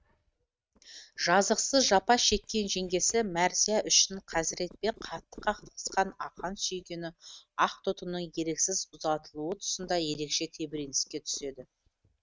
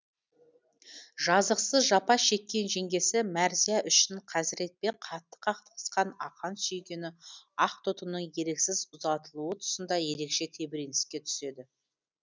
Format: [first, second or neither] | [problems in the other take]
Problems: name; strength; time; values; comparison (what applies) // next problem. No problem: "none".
second | noise reduction (neural mask model RNNoise)